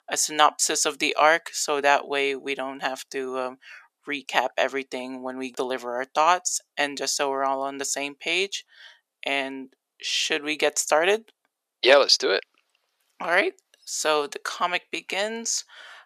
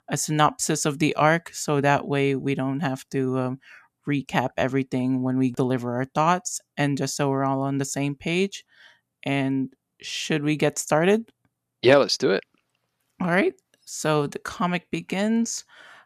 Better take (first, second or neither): second